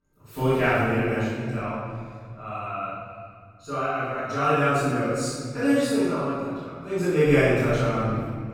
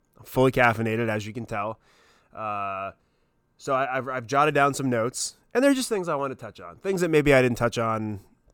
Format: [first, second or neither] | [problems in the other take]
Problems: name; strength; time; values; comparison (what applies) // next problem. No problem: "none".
second | off-mic speech; far // room echo; strong; dies away in 2.4 s